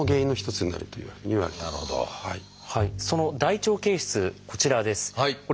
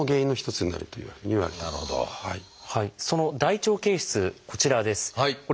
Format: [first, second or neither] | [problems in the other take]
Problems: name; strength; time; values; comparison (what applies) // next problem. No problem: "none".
second | background sound (Bowed string instrument); 12 dB below the speech